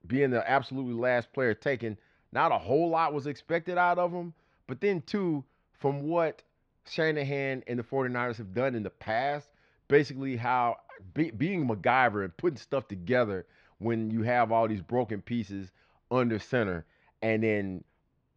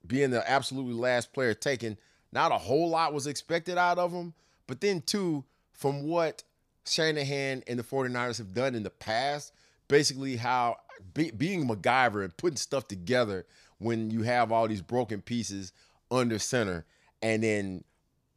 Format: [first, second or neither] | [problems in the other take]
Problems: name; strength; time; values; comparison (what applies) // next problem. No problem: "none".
second | muffled; very; fading above 3 kHz